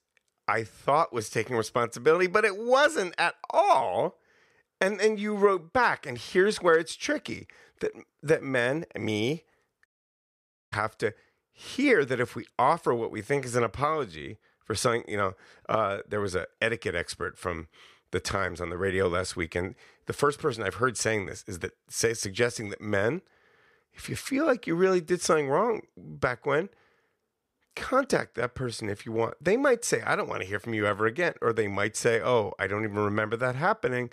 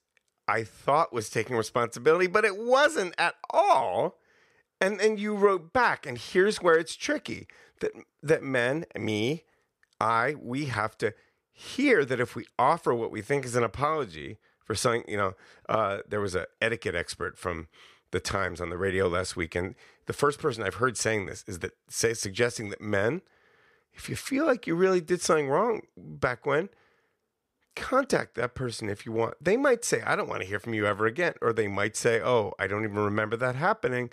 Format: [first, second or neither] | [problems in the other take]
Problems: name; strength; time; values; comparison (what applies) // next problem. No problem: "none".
second | audio cutting out; at 10 s for 1 s